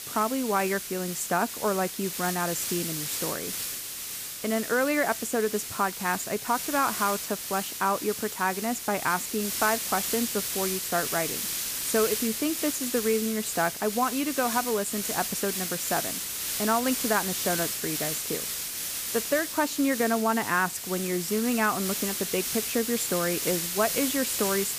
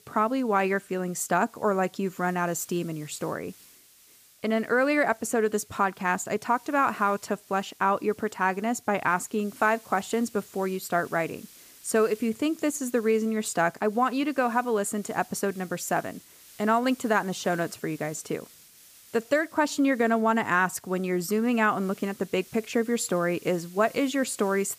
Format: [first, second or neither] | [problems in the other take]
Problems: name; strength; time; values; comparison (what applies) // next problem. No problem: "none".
second | hiss; loud; throughout; 2 dB below the speech; faint in the second